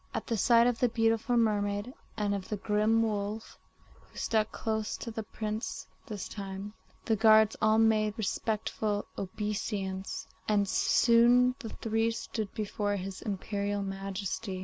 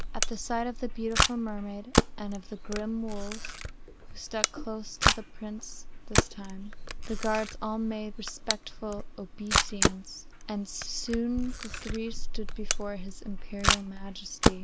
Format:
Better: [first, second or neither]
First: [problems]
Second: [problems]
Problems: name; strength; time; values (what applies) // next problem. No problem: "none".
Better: first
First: none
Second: background sound (Camera); 5 dB above the speech